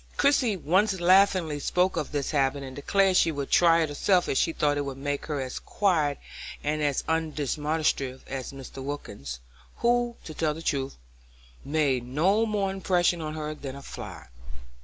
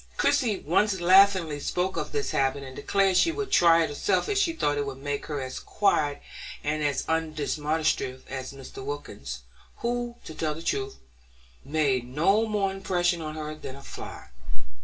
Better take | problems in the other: first | room echo; dies away in 0.2 s

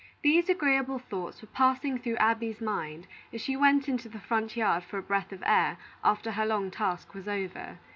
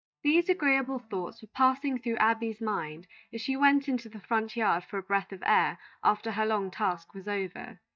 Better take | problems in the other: first | noise reduction (neural mask model DeepFilterNet 3)

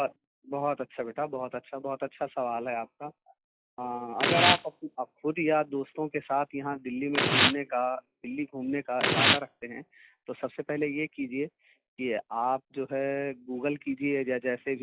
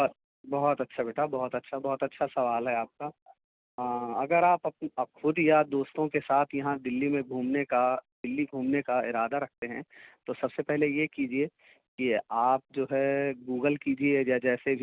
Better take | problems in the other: second | noise reduction (classical method log-MMSE)

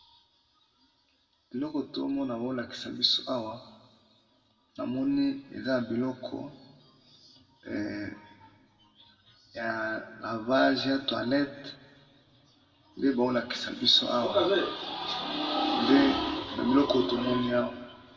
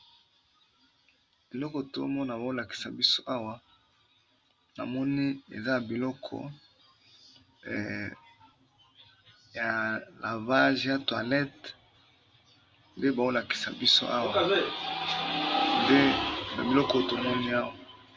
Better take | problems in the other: second | room echo; dies away in 1.2 s

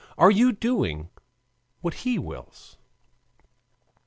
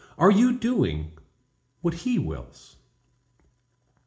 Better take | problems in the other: first | room echo; dies away in 0.4 s

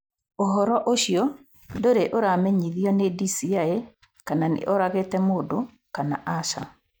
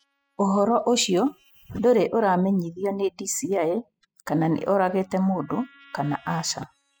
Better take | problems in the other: first | noise reduction (classical method spectral subtraction)

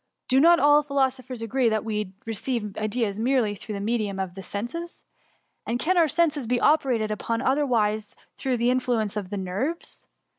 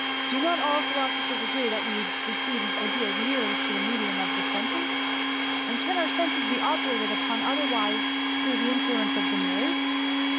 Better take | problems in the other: first | background sound (Domestic sounds, home sounds); 5 dB above the speech

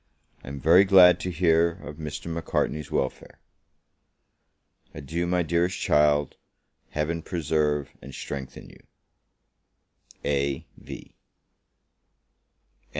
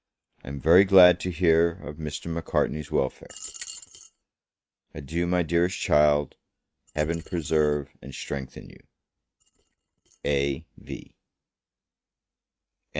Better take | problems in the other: first | noise reduction (neural mask model RNNoise)

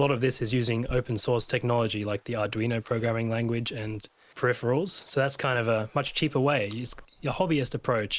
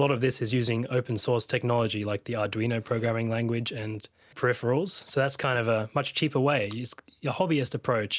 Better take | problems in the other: second | noise reduction (neural mask model Resemble Enhance denoiser)

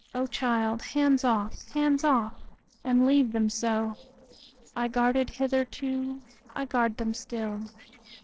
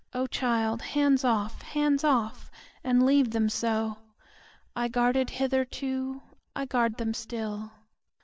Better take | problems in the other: second | noise reduction (neural separator model SepFormer DNS4)

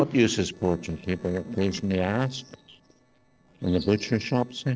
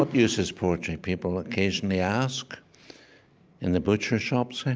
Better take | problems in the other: second | noise reduction (neural separator model SepFormer DNS4)

